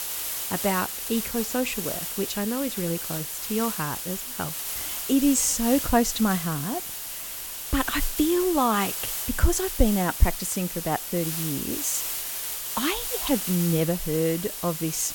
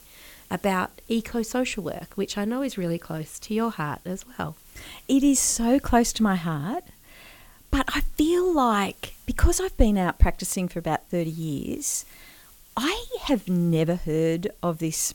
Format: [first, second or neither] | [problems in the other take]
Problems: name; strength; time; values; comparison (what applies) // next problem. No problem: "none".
second | hiss; loud; throughout; 3 dB below the speech; faint in the second